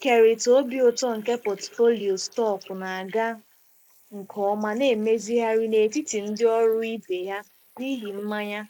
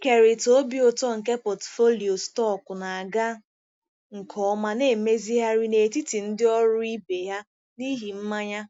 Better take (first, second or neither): second